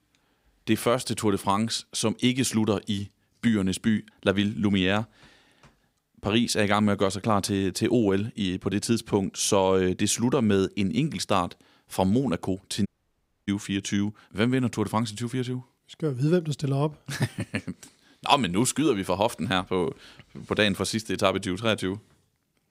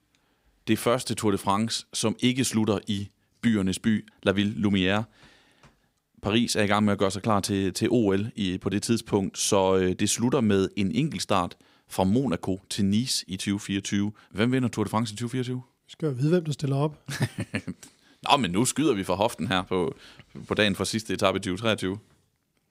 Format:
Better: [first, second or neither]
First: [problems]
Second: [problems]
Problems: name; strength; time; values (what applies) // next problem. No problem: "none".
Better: second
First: audio cutting out; at 13 s for 0.5 s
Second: none